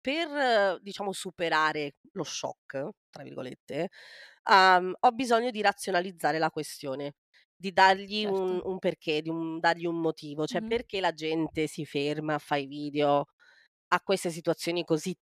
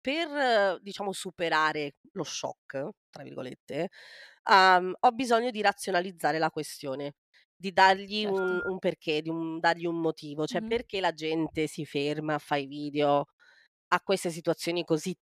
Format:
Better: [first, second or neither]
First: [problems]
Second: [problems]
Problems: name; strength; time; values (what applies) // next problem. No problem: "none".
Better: first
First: none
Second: phone ringing; noticeable; at 8.5 s; peak 8 dB below the speech